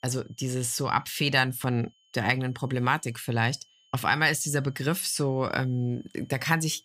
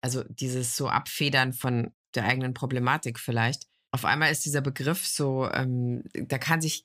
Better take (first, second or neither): second